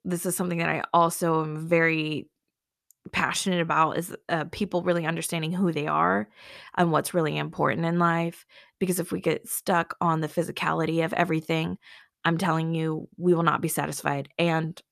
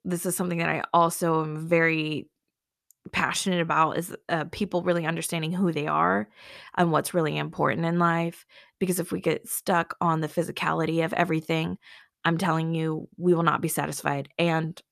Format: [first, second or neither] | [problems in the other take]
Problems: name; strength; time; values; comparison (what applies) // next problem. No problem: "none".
neither | none